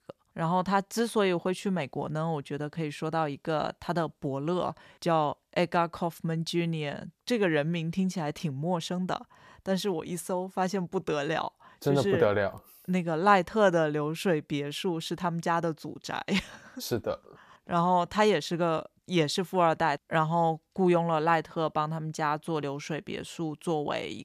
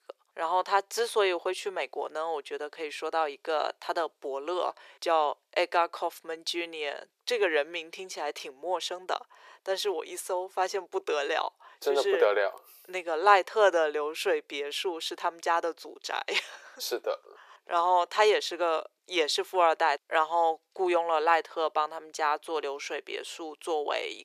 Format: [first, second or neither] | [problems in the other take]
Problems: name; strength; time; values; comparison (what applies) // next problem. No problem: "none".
first | thin; very; fading below 400 Hz